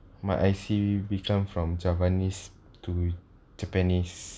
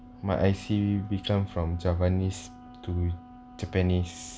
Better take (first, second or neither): first